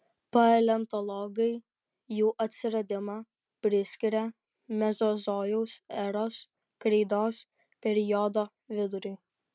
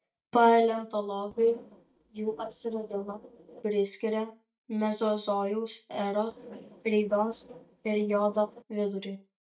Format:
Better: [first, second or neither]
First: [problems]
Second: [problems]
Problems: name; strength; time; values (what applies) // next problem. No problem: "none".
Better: first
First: none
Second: noise reduction (neural mask model DeepFilterNet 3)